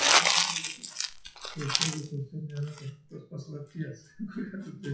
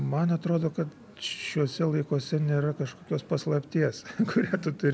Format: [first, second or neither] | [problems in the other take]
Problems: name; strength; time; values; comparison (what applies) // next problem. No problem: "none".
second | noise reduction (classical method WPE with log-MMSE)